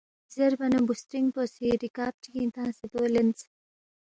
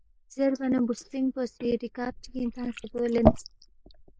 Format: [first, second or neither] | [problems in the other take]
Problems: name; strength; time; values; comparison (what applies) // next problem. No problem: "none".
first | noise reduction (neural mask model Resemble Enhance denoiser)